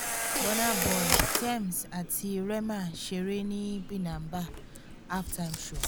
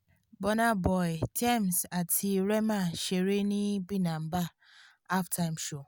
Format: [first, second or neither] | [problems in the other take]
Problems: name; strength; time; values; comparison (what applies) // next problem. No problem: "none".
second | background sound (Camera); as loud as the speech